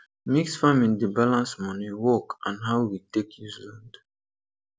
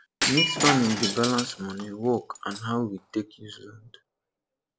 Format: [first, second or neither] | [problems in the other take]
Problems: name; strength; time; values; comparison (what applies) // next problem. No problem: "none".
first | background sound (Shatter); 3 dB below the speech